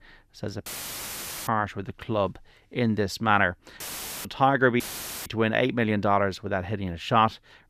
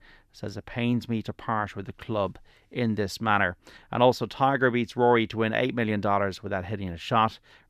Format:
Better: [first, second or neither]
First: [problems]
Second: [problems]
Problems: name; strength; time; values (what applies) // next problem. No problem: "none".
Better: second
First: audio cutting out; filled with static; at 0.5 s for 1 s, at 4 s and at 5 s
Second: none